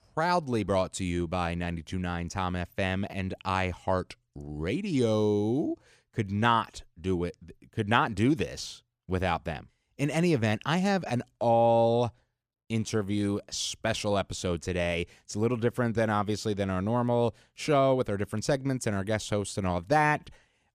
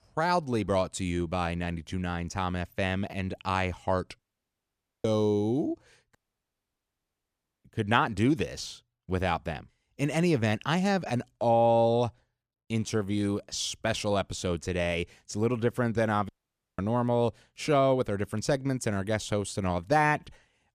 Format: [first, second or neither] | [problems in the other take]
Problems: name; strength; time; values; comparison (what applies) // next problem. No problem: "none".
first | audio cutting out; at 4 s for 1 s, at 6 s for 1.5 s and at 16 s